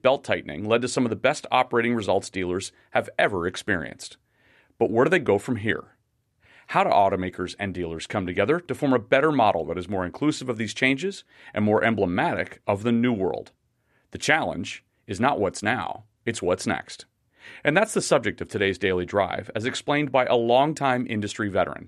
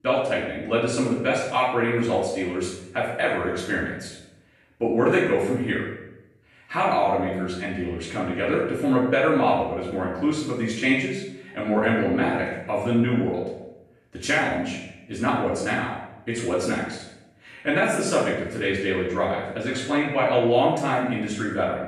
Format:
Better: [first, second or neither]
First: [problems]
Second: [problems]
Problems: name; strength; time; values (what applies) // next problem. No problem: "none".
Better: first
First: none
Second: room echo; noticeable; dies away in 0.7 s // off-mic speech; far